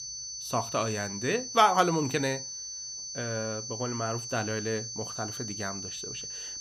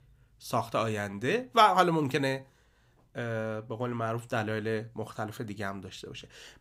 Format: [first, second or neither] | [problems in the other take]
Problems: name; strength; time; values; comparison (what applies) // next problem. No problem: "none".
second | high-pitched whine; loud; throughout; 6 kHz, 6 dB below the speech